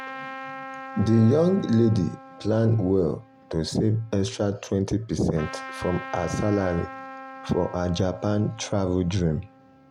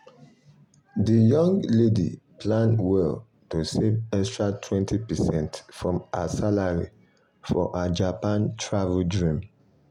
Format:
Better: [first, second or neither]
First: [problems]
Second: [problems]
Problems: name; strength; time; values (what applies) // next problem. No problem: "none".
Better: second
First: background sound (Trumpet); 16 dB below the speech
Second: none